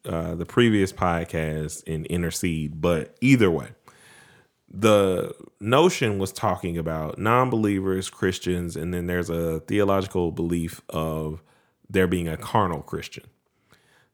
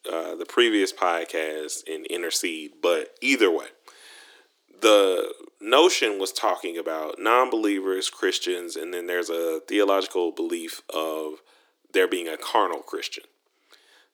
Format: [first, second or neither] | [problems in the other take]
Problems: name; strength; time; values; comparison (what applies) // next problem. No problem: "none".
first | thin; somewhat; fading below 300 Hz